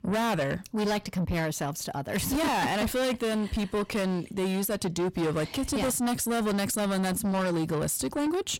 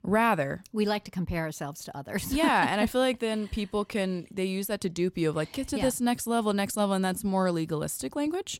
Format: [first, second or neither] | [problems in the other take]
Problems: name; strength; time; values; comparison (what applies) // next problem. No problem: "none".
second | distortion; heavy; 6 dB below the speech